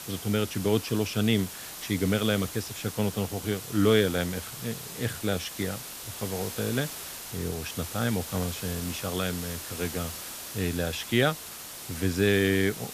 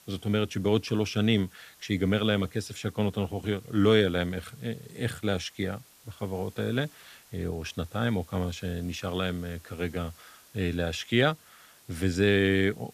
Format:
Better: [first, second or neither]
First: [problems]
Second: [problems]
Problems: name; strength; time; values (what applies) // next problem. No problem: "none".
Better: second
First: hiss; loud; throughout; 8 dB below the speech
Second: hiss; faint; throughout; 25 dB below the speech